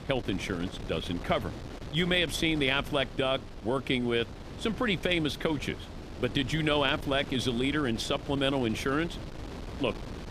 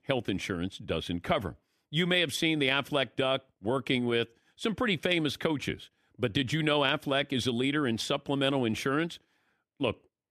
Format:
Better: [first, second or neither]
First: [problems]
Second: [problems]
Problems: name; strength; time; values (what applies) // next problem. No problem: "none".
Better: second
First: wind noise on the microphone; occasional gusts; 15 dB below the speech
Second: none